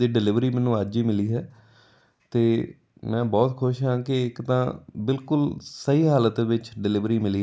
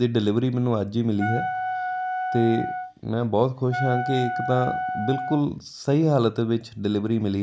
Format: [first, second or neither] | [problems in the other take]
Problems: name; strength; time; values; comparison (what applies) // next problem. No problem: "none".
first | background sound (Wind instrument, woodwind instrument); 5 dB below the speech